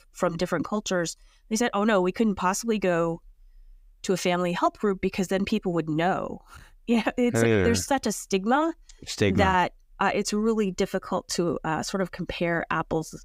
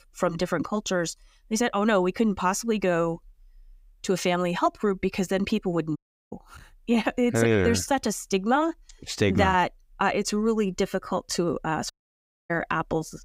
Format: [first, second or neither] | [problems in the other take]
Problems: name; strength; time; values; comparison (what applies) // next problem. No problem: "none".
first | audio cutting out; at 6 s and at 12 s for 0.5 s